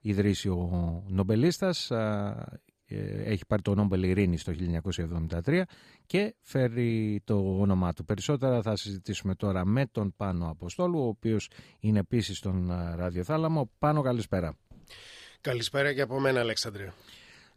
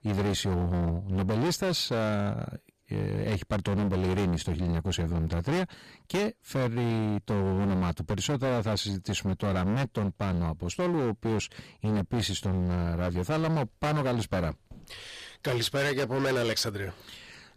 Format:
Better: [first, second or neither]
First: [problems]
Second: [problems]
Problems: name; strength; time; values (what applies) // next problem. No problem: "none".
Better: first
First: none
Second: distortion; heavy; 24% of the sound clipped